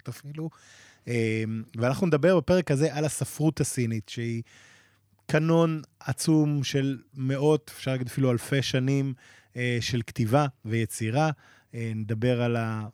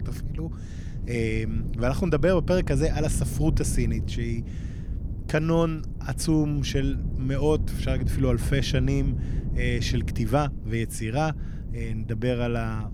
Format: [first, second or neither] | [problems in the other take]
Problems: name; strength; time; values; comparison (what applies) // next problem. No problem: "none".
first | wind noise on the microphone; occasional gusts; 15 dB below the speech